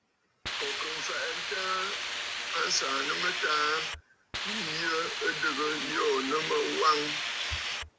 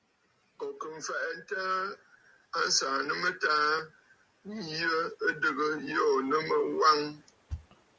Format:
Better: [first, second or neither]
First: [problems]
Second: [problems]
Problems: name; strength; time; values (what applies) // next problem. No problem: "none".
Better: second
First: background sound (Hiss); 1 dB below the speech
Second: none